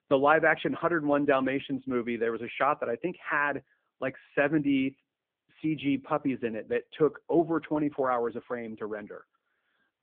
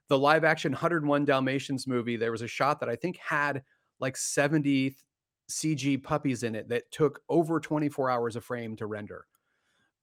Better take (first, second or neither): second